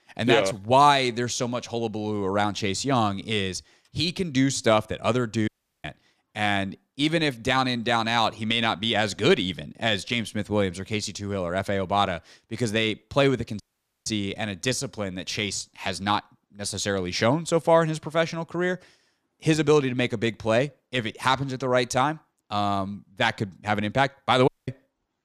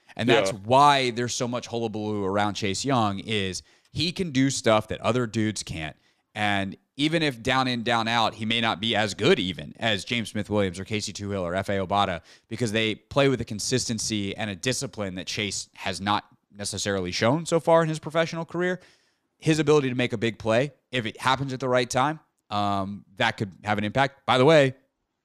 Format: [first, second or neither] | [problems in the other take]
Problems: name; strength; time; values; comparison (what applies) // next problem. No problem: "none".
second | audio cutting out; at 5.5 s, at 14 s and at 24 s